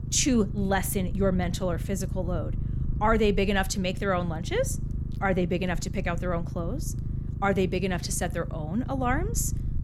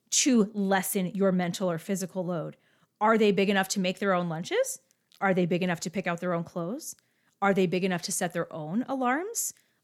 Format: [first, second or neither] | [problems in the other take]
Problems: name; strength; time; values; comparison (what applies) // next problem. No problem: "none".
second | low rumble; noticeable; throughout; 15 dB below the speech